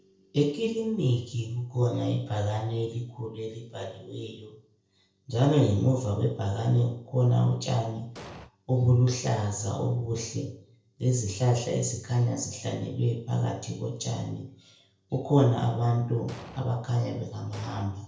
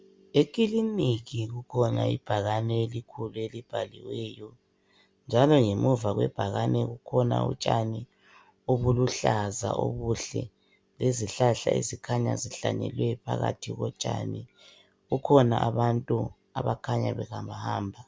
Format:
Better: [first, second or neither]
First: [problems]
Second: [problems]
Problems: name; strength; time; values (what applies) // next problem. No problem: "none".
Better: second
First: noise reduction (neural separator model SepFormer DNS4)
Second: none